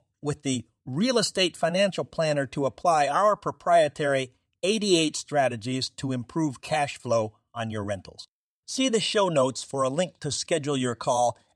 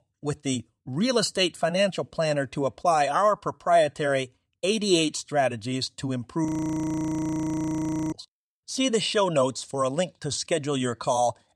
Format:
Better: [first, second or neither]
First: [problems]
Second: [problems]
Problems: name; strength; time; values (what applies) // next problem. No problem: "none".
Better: first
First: none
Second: audio freezing; at 6.5 s for 1.5 s